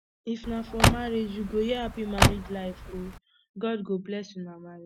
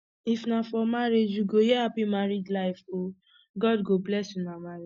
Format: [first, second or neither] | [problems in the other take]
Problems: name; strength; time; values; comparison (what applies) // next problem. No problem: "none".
second | background sound (Car); 5 dB above the speech